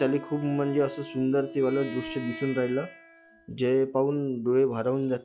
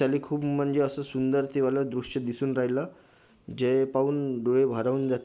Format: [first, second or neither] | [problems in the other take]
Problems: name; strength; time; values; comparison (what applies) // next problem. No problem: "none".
second | noise reduction (classical method log-MMSE)